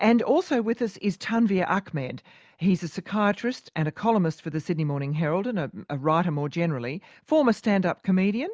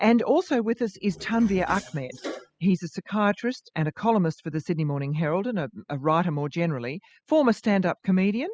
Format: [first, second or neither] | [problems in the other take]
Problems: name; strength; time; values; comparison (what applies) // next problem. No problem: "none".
first | noise reduction (classical method spectral subtraction)